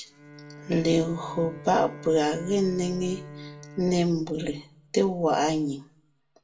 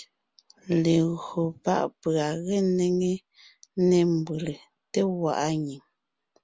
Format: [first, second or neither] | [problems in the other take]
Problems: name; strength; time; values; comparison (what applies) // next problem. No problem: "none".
second | background sound (Bowed string instrument); 17 dB below the speech // room echo; dies away in 0.4 s